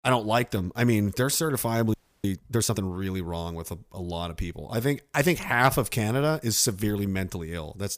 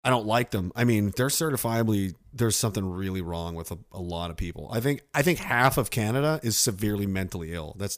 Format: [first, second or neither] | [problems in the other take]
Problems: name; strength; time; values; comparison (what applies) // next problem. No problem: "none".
second | audio freezing; at 2 s